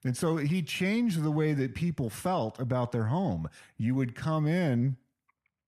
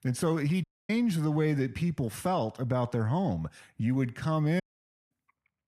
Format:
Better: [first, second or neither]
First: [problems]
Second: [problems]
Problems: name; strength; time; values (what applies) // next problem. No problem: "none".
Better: first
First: none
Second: audio cutting out; at 0.5 s and at 4.5 s for 0.5 s